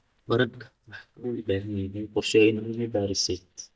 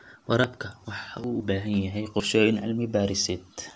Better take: second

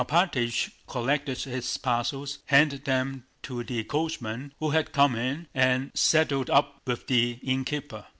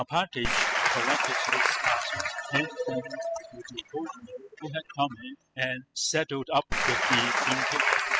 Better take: first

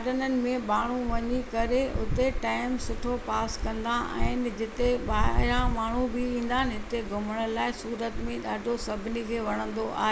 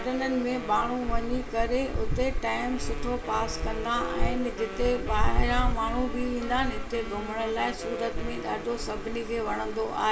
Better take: first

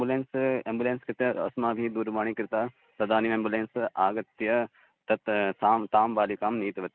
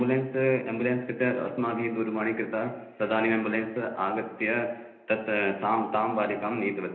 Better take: first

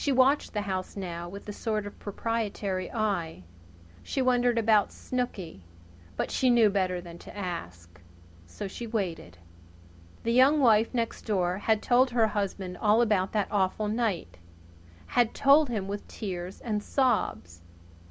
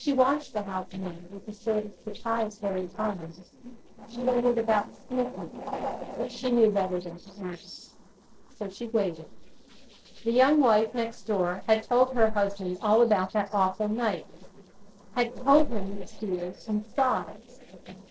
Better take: first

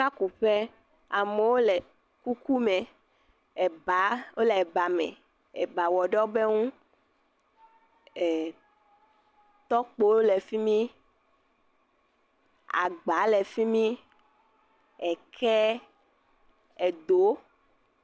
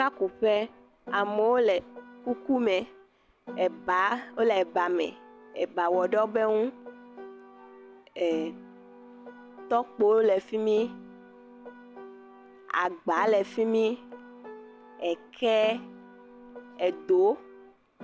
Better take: first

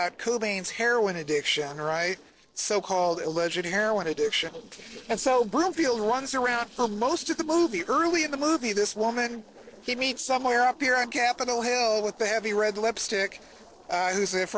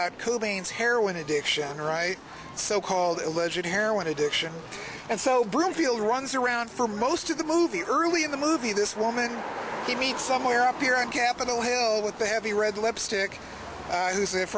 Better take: second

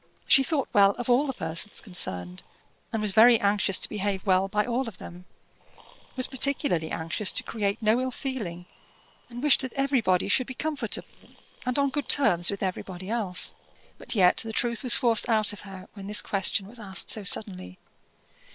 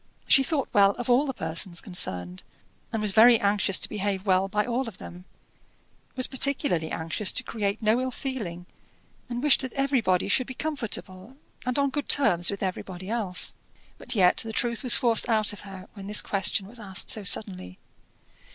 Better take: second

